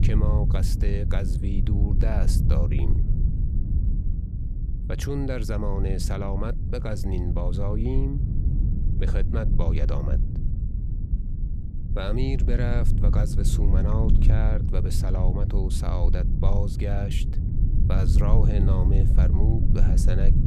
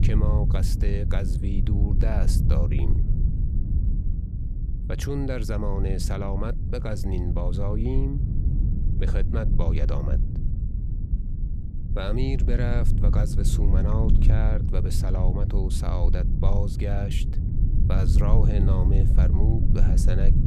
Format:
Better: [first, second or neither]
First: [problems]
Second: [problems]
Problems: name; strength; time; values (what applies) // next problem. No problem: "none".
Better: neither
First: low rumble; loud; throughout; 5 dB below the speech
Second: low rumble; loud; throughout; 5 dB below the speech